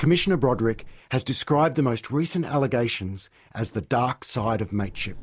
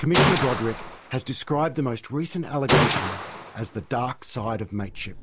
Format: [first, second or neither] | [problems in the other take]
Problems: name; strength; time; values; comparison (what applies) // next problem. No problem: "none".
first | background sound (Gunshot, gunfire); as loud as the speech